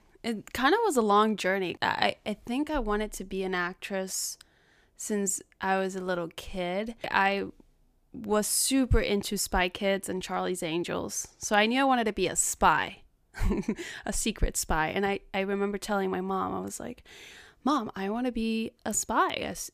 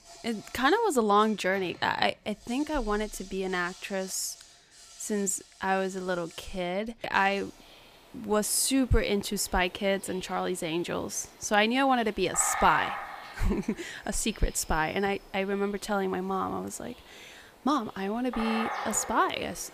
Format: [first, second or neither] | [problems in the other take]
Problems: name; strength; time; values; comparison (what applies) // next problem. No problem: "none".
first | animal sounds; noticeable; throughout; 15 dB below the speech